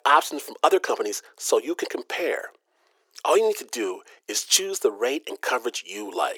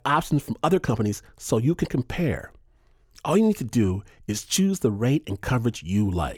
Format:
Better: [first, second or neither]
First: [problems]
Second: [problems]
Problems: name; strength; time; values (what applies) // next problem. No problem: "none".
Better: second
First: thin; very; fading below 400 Hz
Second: none